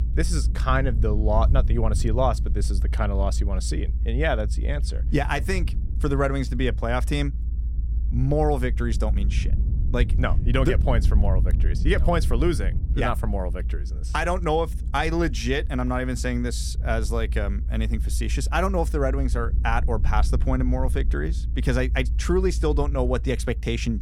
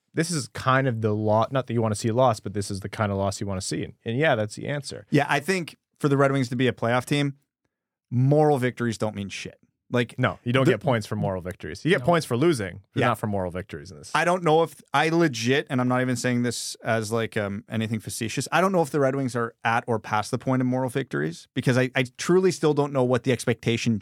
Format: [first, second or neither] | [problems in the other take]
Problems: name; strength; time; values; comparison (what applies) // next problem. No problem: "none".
second | low rumble; noticeable; throughout; 15 dB below the speech